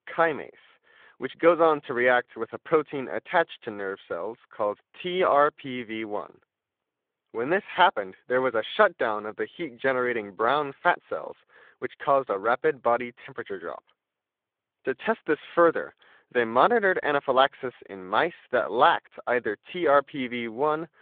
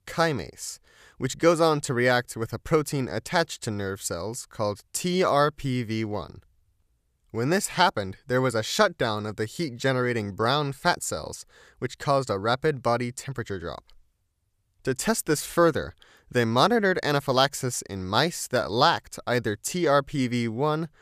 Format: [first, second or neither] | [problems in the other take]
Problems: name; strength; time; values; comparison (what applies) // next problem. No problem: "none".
second | phone-call audio